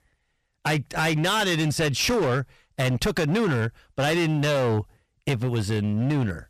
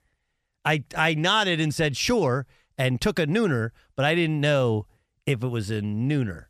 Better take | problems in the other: second | distortion; heavy; 20% of the sound clipped

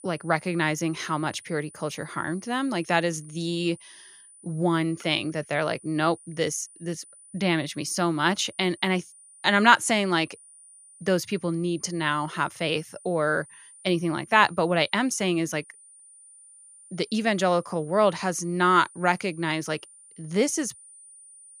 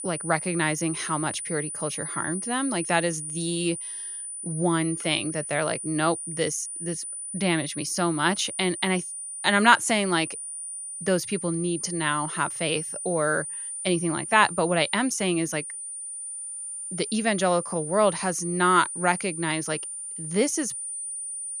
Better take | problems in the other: first | high-pitched whine; loud; throughout; 9.5 kHz, 6 dB below the speech; faint in the first

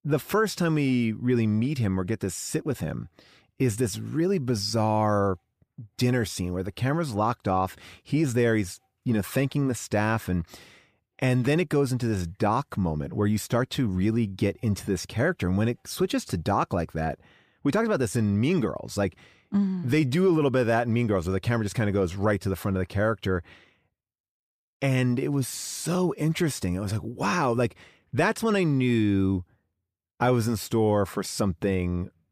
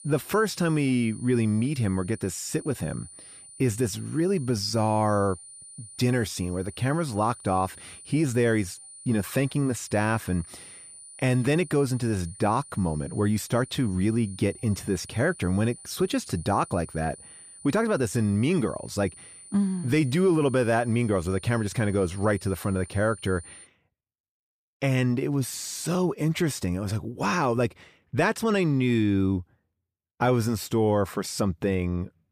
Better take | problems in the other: first | high-pitched whine; noticeable; until 24 s; 9.5 kHz, 20 dB below the speech

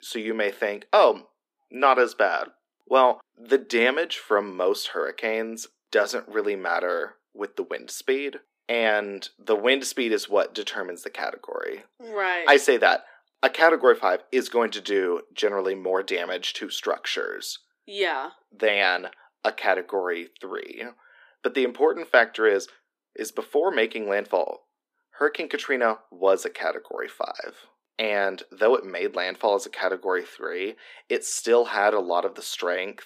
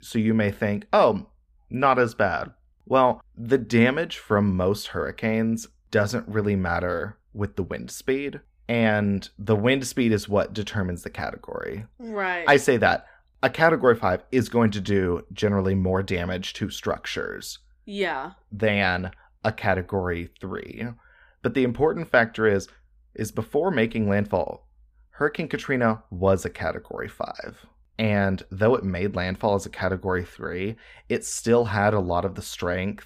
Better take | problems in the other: second | thin; somewhat; fading below 300 Hz

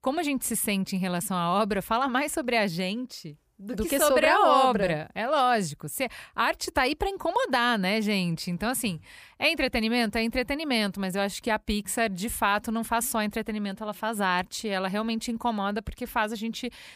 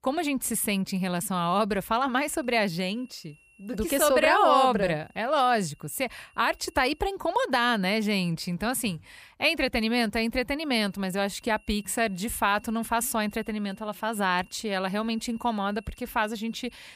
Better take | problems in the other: first | high-pitched whine; faint; from 2 to 7 s and from 11 s on; 3 kHz, 30 dB below the speech

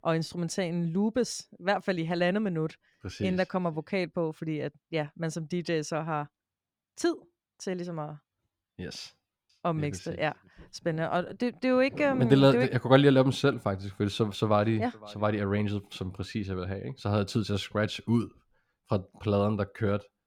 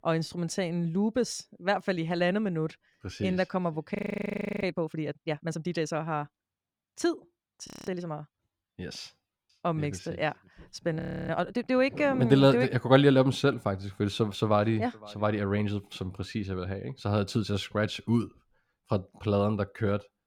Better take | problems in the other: first | audio freezing; at 4 s for 0.5 s, at 7.5 s and at 11 s

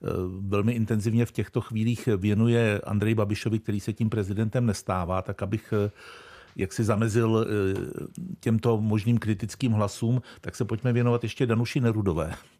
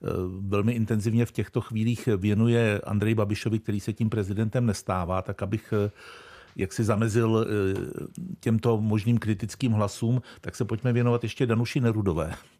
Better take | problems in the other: neither | none

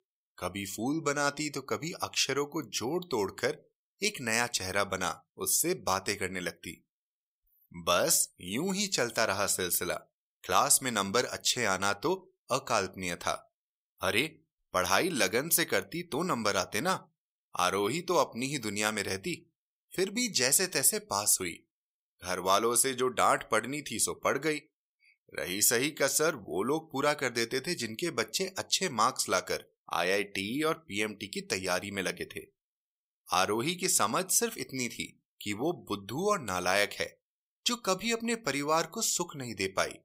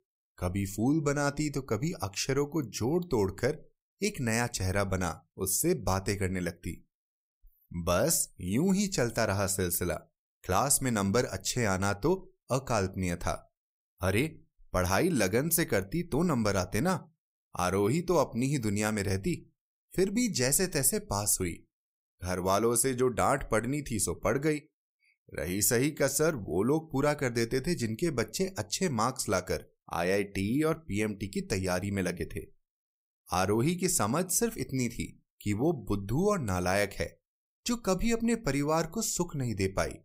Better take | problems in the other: second | thin; somewhat; fading below 450 Hz

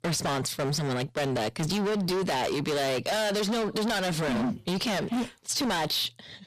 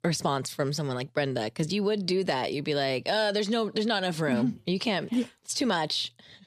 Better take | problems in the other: second | distortion; heavy; 38% of the sound clipped

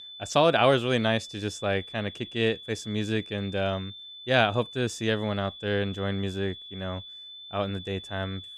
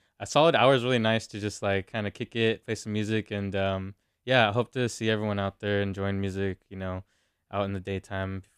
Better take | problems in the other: second | high-pitched whine; noticeable; throughout; 3.5 kHz, 15 dB below the speech

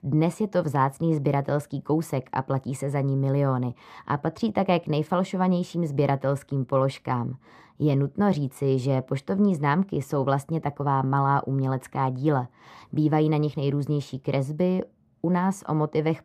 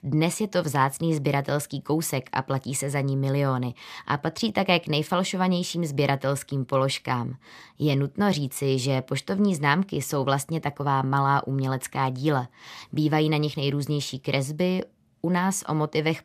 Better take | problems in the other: second | muffled; slightly; fading above 2 kHz

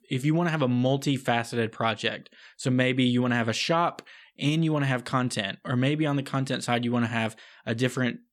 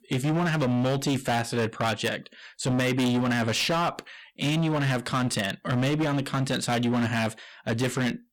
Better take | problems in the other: first | distortion; heavy; 23% of the sound clipped

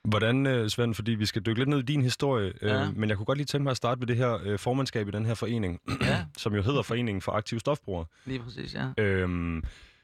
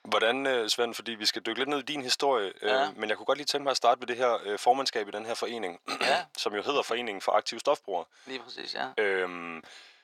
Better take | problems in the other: first | thin; very; fading below 400 Hz

